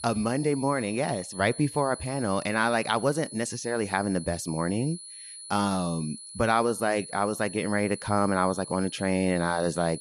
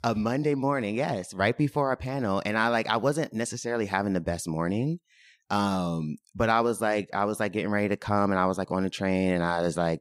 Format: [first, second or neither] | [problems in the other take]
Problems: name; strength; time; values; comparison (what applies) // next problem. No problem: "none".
second | high-pitched whine; noticeable; throughout; 10 kHz, 15 dB below the speech